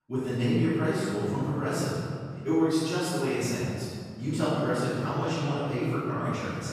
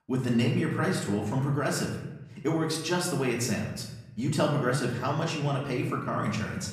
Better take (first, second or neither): second